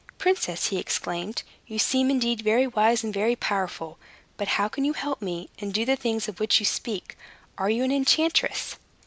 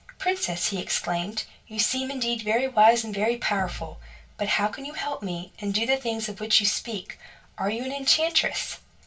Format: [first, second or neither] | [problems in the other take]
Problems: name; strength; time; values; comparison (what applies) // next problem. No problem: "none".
first | background sound (Bass drum); 15 dB below the speech // room echo; dies away in 0.2 s